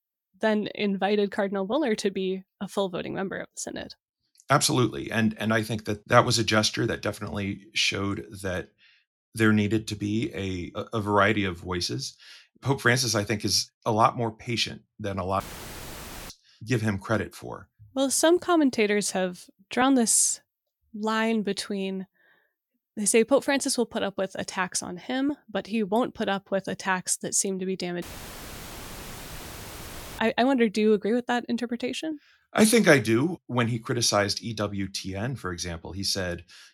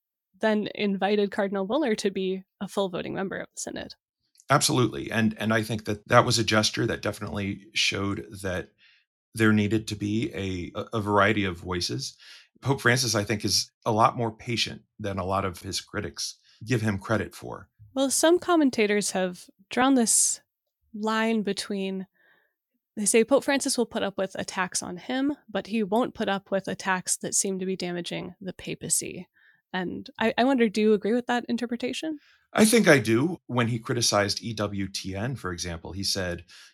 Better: second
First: audio cutting out; filled with static; at 15 s for 1 s and at 28 s for 2 s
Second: none

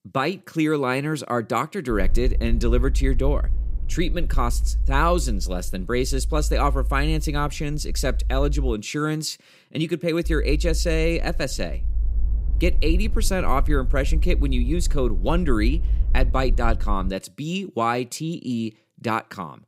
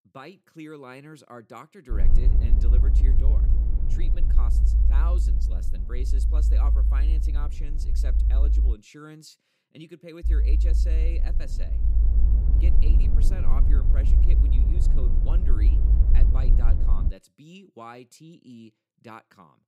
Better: first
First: low rumble; faint; from 2 to 8.5 s and from 10 to 17 s; 20 dB below the speech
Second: low rumble; loud; from 2 to 8.5 s and from 10 to 17 s; as loud as the speech

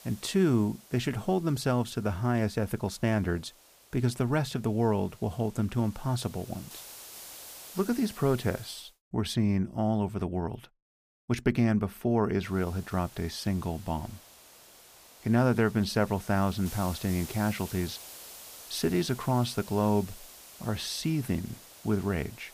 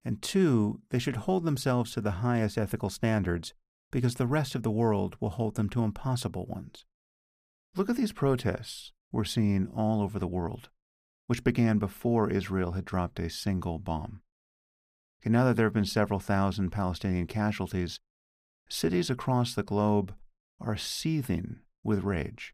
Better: second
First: hiss; noticeable; until 9 s and from 12 s on; 15 dB below the speech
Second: none

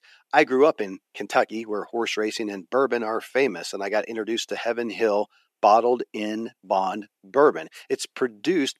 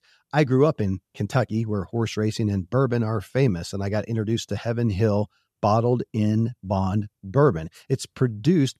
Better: second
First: thin; very; fading below 300 Hz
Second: none

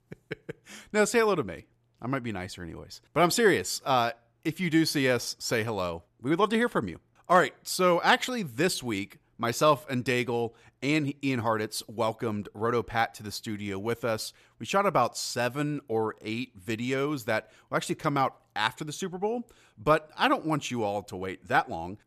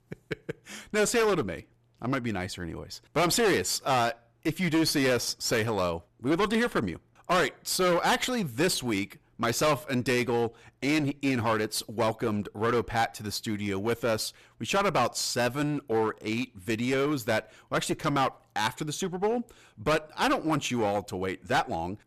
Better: first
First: none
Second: distortion; heavy; 11% of the sound clipped

